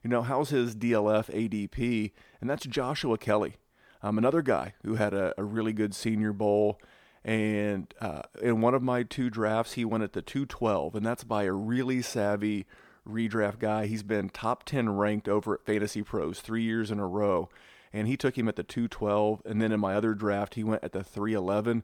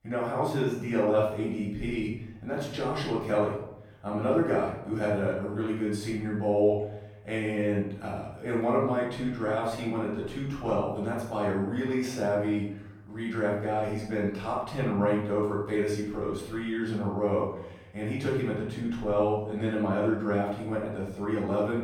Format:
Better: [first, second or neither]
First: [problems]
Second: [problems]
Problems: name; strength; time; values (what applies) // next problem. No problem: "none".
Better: first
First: none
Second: off-mic speech; far // room echo; noticeable; dies away in 0.8 s